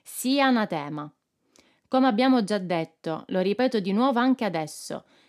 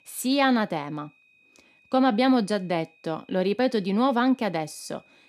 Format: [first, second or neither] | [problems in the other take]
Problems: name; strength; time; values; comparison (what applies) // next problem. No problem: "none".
first | high-pitched whine; faint; throughout; 2.5 kHz, 35 dB below the speech